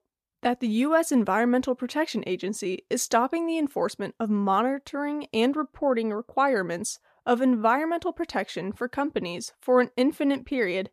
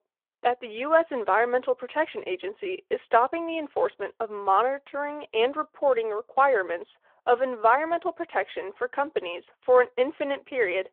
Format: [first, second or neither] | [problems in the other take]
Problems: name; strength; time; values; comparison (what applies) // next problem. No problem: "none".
first | phone-call audio